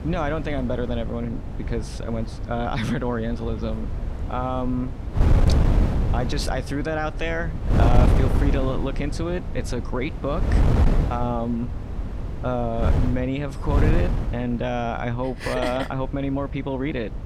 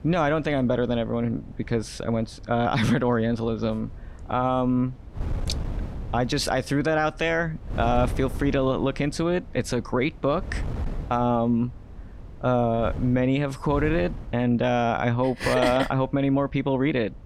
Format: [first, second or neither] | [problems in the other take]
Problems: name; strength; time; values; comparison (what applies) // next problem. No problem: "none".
second | wind noise on the microphone; heavy; 6 dB below the speech; occasional gusts in the second